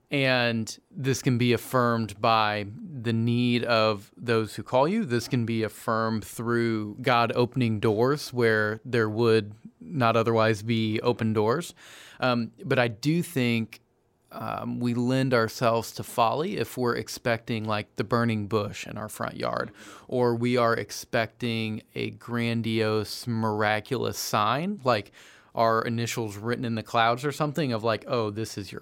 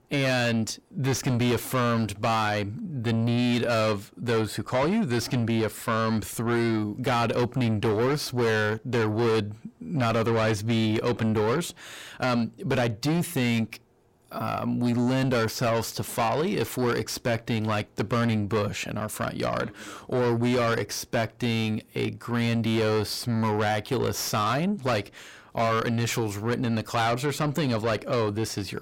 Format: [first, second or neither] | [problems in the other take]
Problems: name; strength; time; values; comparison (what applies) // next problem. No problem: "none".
first | distortion; heavy; 6 dB below the speech